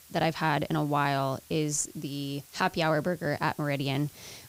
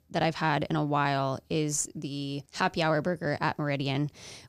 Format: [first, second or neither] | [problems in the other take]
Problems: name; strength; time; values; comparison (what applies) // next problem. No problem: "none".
second | hiss; faint; throughout; 20 dB below the speech